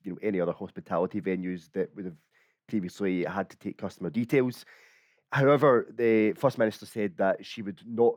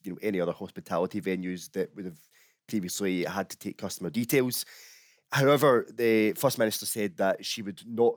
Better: second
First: muffled; slightly; fading above 4 kHz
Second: none

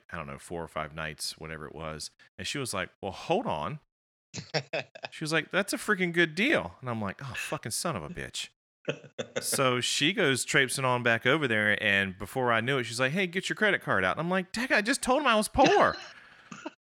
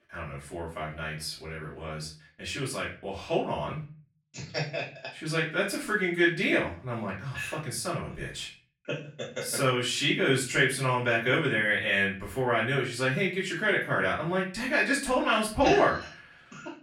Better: first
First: none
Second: off-mic speech; far // room echo; slight; dies away in 0.3 s

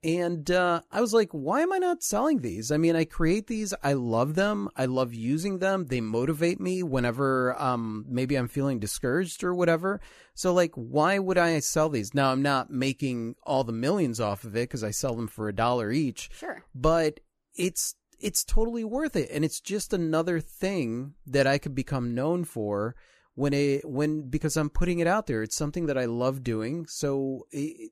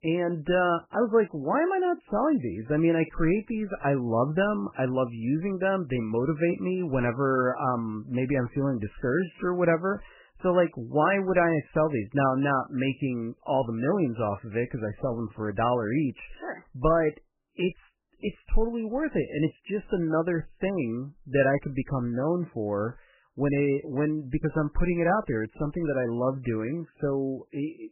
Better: first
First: none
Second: garbled, watery; badly; nothing above 3 kHz

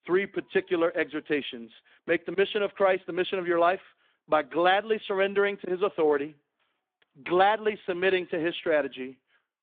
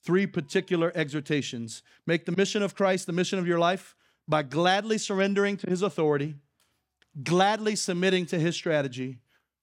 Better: second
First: phone-call audio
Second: none

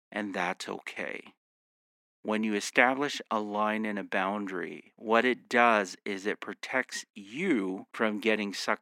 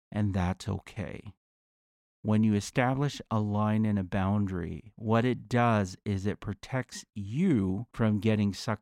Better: second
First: thin; somewhat; fading below 250 Hz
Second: none

